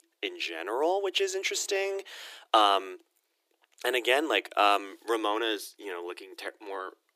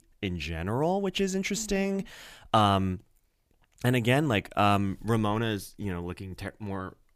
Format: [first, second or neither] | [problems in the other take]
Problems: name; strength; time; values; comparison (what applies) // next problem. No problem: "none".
second | thin; very; fading below 350 Hz